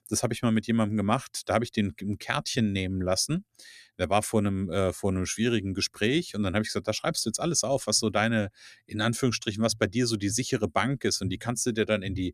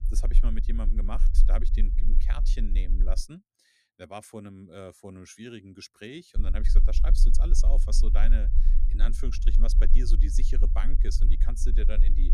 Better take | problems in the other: first | low rumble; loud; until 3 s and from 6.5 s on; 9 dB below the speech

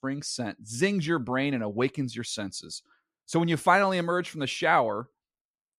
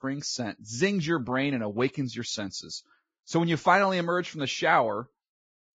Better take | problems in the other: first | garbled, watery; badly; nothing above 7.5 kHz

